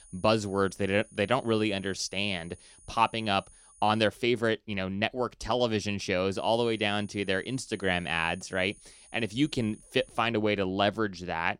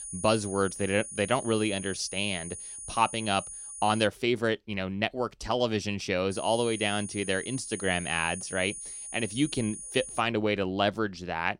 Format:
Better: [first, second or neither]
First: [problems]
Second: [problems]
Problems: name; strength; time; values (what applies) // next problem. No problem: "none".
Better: first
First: high-pitched whine; faint; until 4 s and from 6.5 to 10 s; 9.5 kHz, 25 dB below the speech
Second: high-pitched whine; loud; until 4 s and from 6.5 to 10 s; 9.5 kHz, 9 dB below the speech